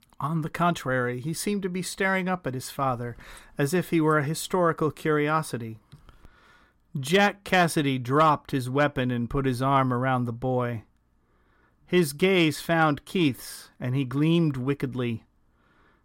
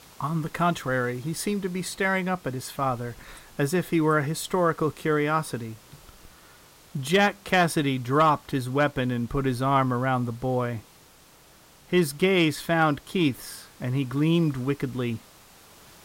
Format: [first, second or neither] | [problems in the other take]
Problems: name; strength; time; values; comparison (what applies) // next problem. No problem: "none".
first | hiss; faint; throughout; 25 dB below the speech